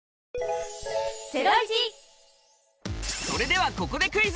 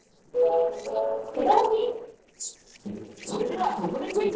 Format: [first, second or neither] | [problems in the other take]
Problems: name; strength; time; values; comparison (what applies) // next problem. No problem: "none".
first | noise reduction (neural separator model SepFormer DNS4)